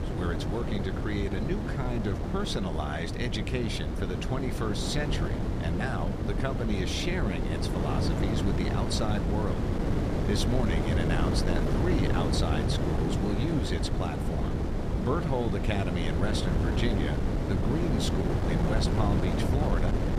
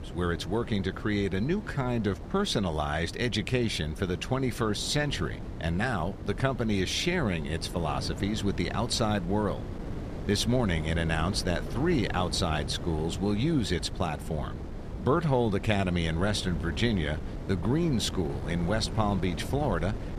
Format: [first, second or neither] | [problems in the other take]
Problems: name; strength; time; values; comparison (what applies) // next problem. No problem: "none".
second | wind noise on the microphone; heavy; 1 dB below the speech; occasional gusts in the second